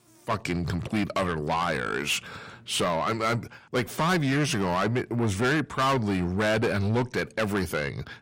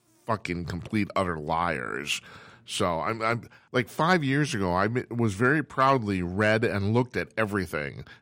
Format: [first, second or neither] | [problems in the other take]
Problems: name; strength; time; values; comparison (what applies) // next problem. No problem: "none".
second | distortion; heavy; 6 dB below the speech